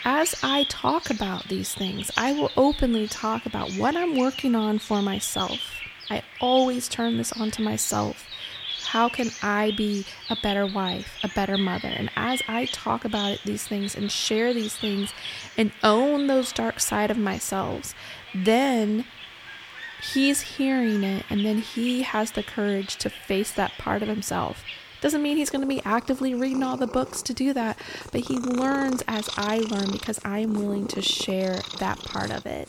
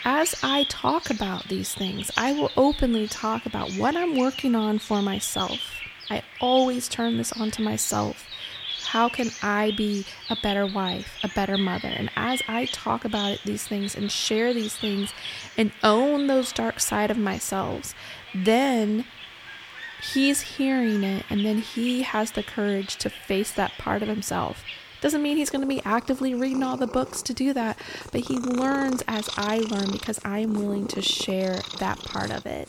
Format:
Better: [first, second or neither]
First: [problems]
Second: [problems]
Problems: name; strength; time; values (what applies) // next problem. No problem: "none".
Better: neither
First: animal sounds; loud; throughout; 9 dB below the speech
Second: animal sounds; loud; throughout; 9 dB below the speech